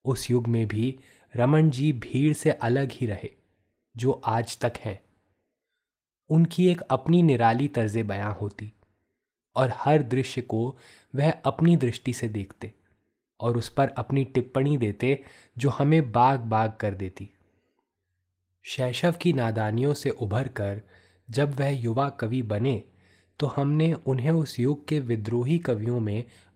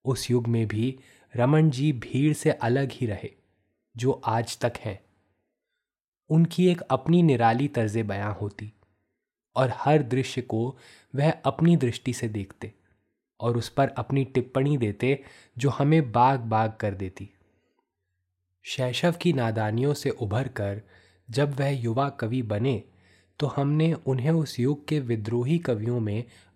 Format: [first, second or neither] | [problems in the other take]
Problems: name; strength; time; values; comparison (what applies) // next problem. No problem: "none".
second | garbled, watery; slightly; nothing above 16 kHz